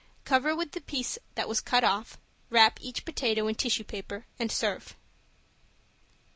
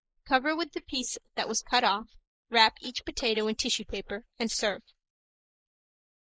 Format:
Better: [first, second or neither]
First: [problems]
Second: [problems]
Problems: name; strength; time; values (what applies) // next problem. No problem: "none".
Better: first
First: none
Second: noise reduction (neural mask model Resemble Enhance denoiser)